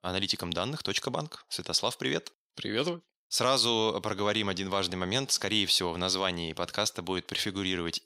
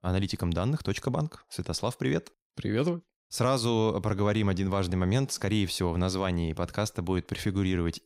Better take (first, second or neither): second